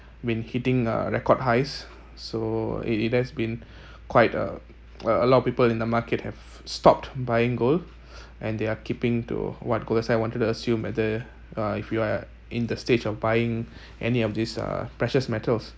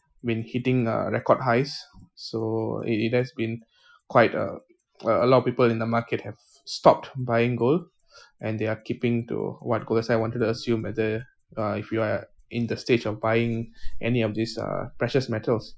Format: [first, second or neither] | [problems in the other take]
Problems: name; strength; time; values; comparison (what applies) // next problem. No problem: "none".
first | noise reduction (classical method Wiener filter)